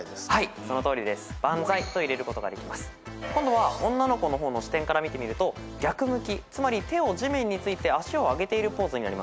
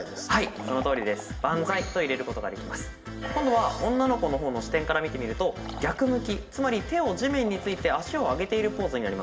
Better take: first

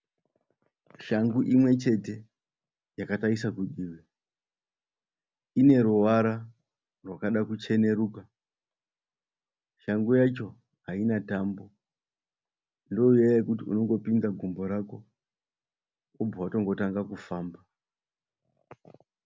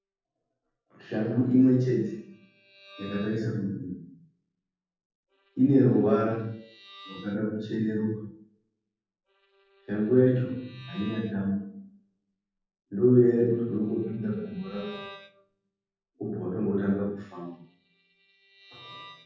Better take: first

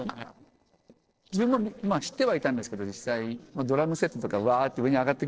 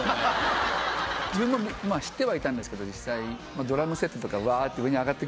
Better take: second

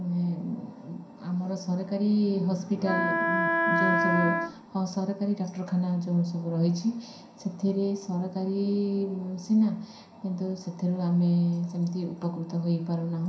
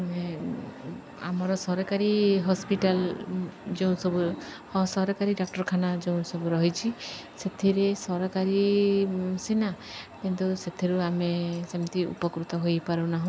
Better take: second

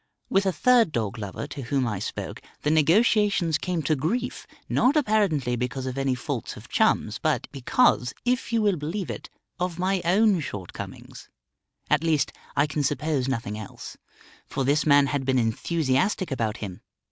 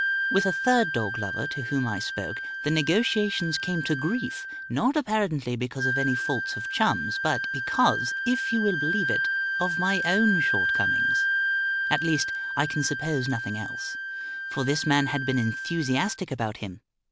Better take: first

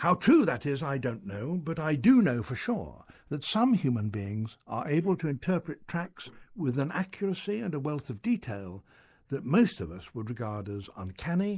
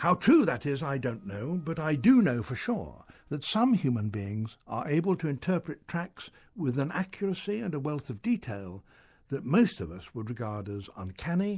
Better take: second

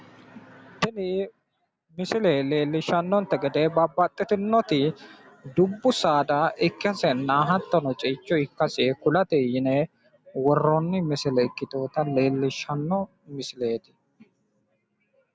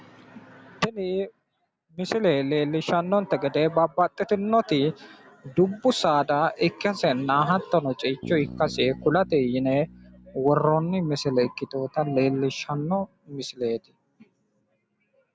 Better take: first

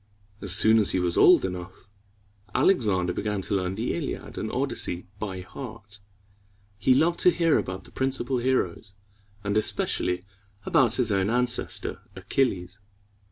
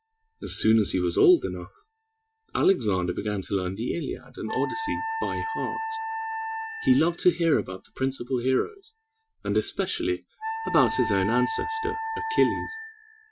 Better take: first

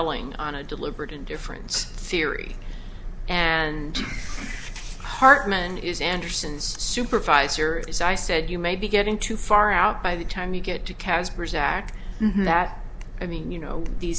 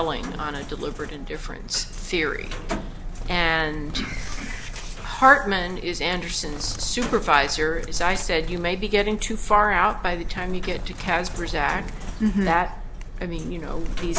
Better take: first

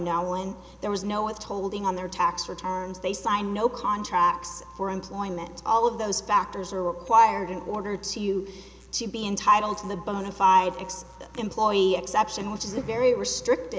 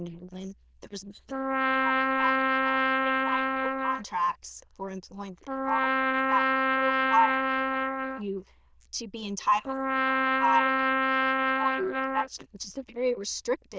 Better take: first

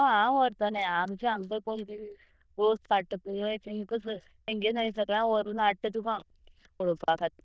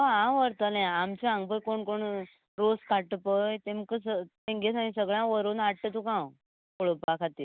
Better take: second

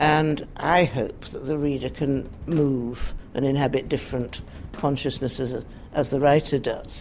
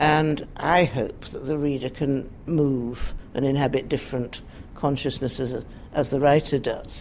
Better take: second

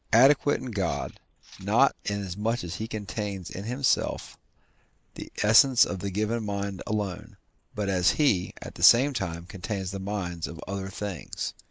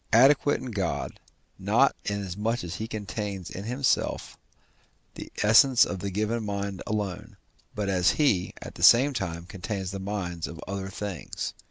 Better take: second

